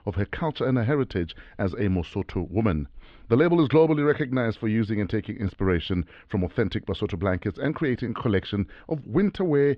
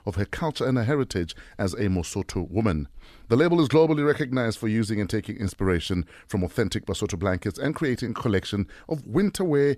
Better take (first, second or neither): second